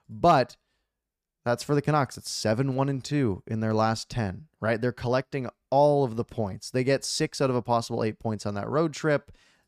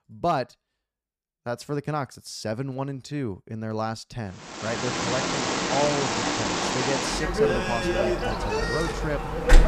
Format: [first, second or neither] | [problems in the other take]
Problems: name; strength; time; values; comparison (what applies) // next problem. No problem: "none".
first | animal sounds; very loud; from 4.5 s on; 5 dB above the speech